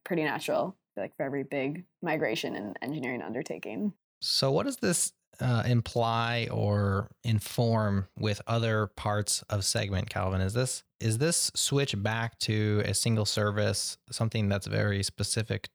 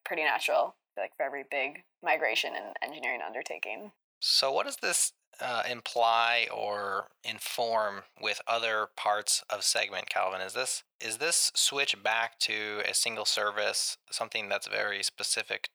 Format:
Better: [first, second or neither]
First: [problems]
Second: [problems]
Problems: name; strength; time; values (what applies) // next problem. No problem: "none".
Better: first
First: none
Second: thin; very; fading below 750 Hz